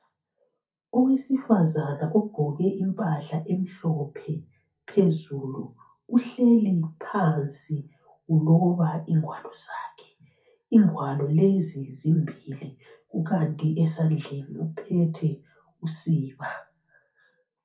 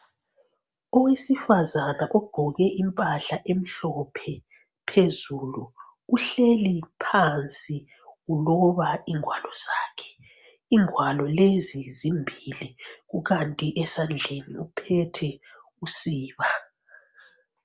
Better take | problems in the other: second | room echo; dies away in 0.3 s

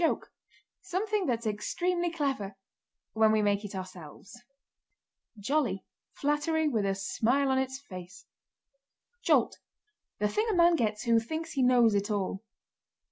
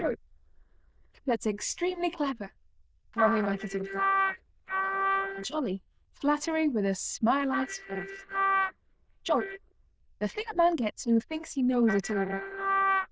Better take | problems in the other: first | noise reduction (neural diffusion model UNIVERSE++)

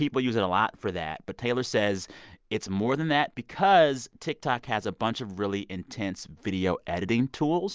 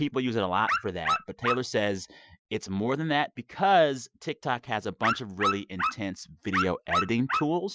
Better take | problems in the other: first | noise reduction (classical method Wiener filter)

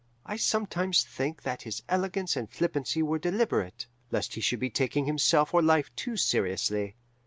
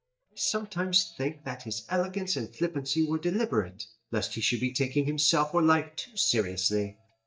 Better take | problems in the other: first | noise reduction (neural mask model DeepFilterNet 3)

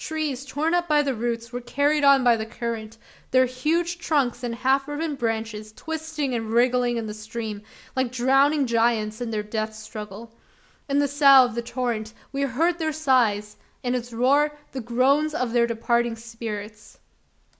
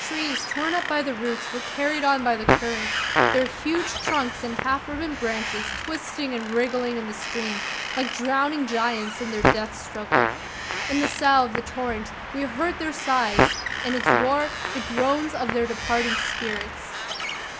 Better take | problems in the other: first | background sound (Wind + Fart); 1 dB below the speech

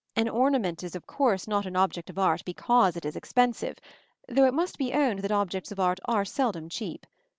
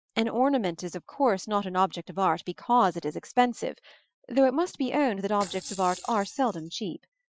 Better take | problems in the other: first | noise reduction (classical method Wiener filter)

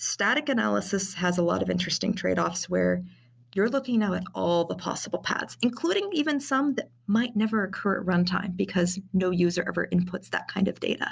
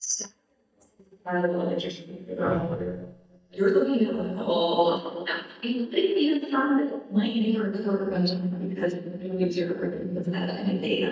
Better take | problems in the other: first | noise reduction (neural mask model DeepFilterNet 3)

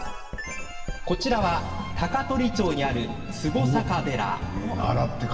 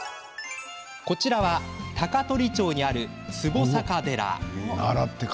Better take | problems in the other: second | background sound (Writing); 9 dB below the speech // room echo; dies away in 2.6 s

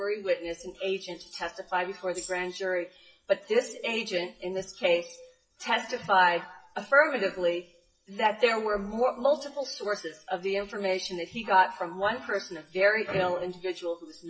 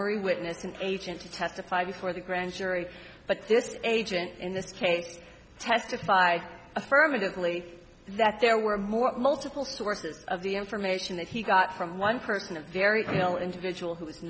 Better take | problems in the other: second | noise reduction (classical method WPE with log-MMSE)

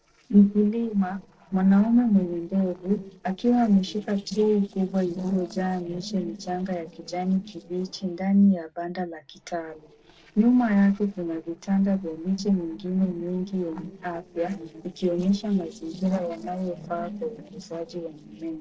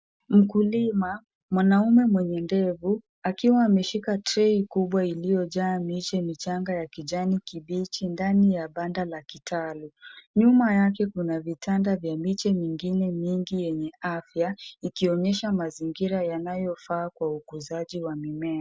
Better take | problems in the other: second | noise reduction (neural separator model SepFormer DNS4)

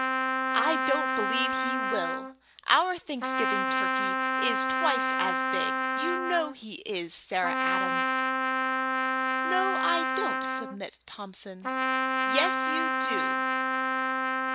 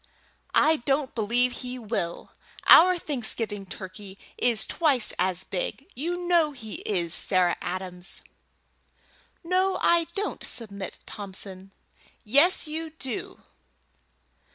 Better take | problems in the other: second | background sound (Trumpet); 5 dB above the speech

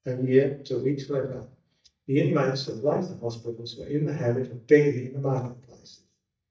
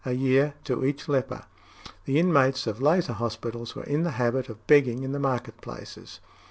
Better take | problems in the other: second | noise reduction (neural mask model DeepFilterNet 3)

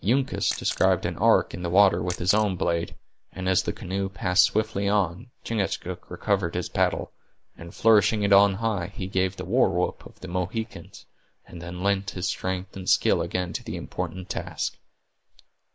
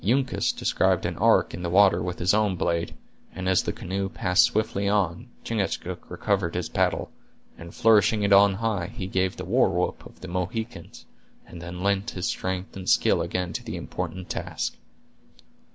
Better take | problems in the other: second | noise reduction (neural mask model Resemble Enhance denoiser)

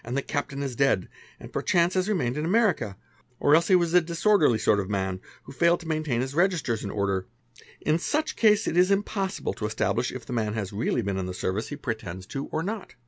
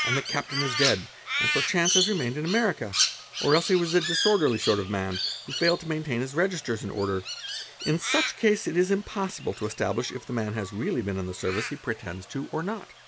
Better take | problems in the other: first | background sound (Crow); 5 dB below the speech

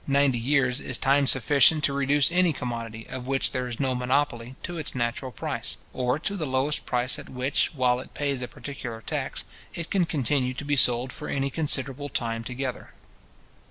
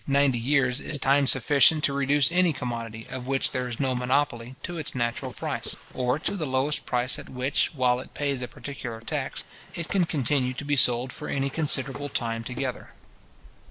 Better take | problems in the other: first | noise reduction (neural mask model Resemble Enhance denoiser)

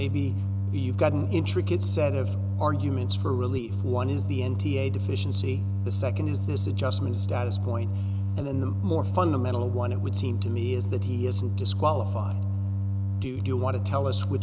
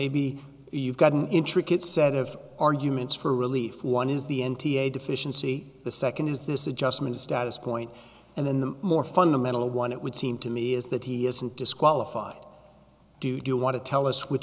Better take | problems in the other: second | background sound (Organ); 4 dB above the speech

